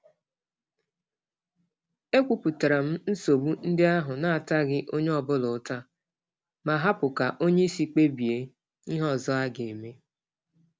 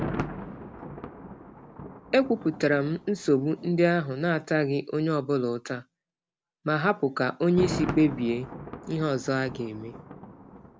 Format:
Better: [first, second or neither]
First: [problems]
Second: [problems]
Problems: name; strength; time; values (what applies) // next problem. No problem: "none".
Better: first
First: none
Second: background sound (Thunder); 12 dB below the speech